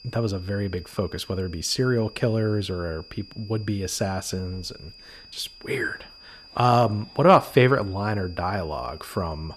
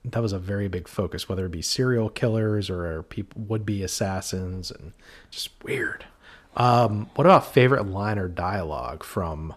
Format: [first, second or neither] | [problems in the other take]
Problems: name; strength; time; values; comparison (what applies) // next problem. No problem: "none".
second | high-pitched whine; faint; throughout; 5 kHz, 20 dB below the speech